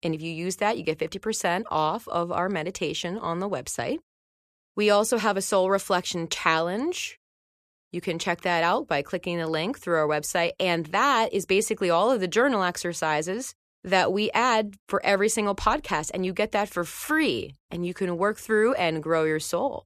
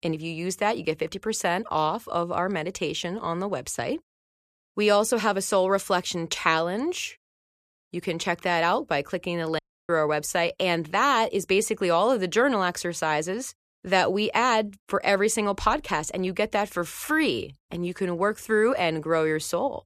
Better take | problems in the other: first | audio cutting out; at 9.5 s

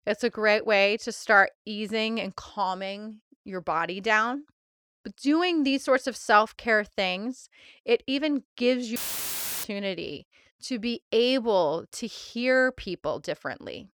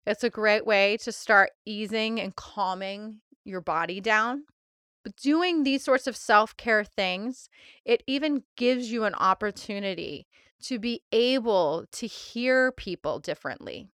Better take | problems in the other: second | audio cutting out; filled with static; at 9 s for 0.5 s

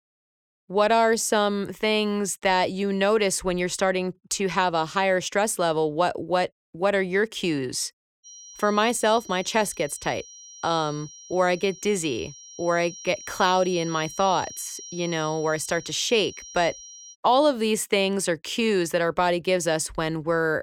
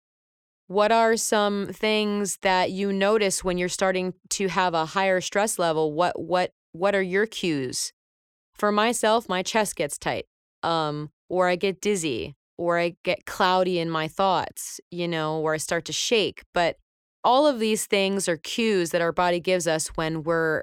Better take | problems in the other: second | high-pitched whine; noticeable; from 8.5 to 17 s; 5.5 kHz, 15 dB below the speech

